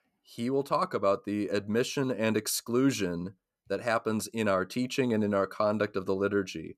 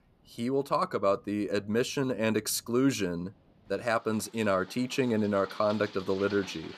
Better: first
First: none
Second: rain or running water; faint; throughout; 20 dB below the speech

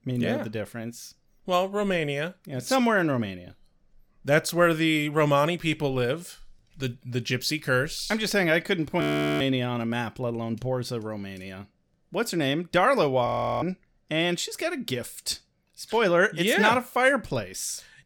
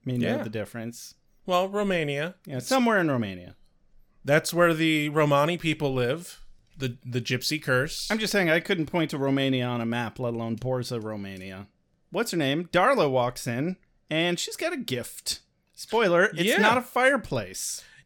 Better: second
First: audio freezing; at 9 s and at 13 s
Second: none

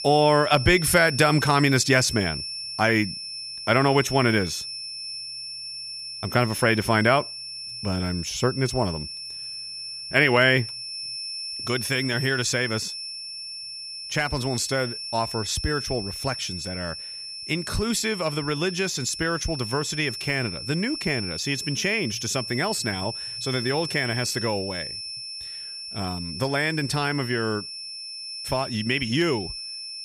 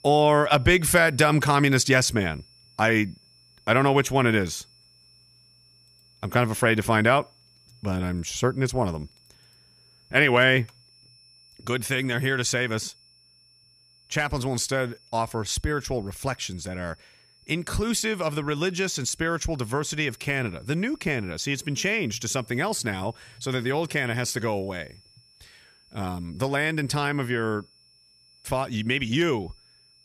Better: second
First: high-pitched whine; loud; throughout; 5.5 kHz, 8 dB below the speech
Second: high-pitched whine; faint; throughout; 5.5 kHz, 30 dB below the speech

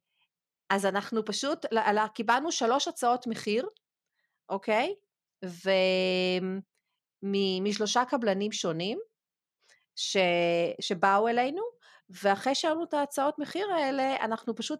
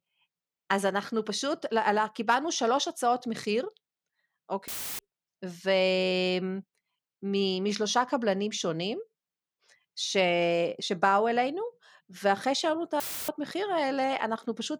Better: first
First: none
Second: audio cutting out; filled with static; at 4.5 s and at 13 s

